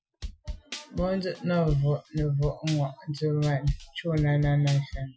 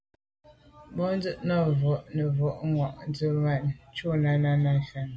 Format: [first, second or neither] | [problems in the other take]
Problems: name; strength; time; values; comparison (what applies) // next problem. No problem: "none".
second | noise reduction (classical method Wiener filter)